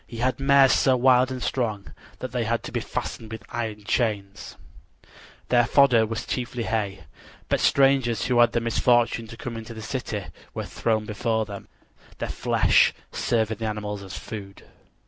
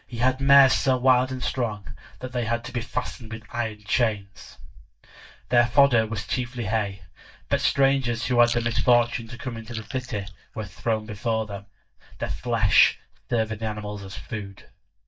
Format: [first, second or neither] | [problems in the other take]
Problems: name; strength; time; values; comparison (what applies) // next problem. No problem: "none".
first | noise reduction (neural mask model DeepFilterNet 3)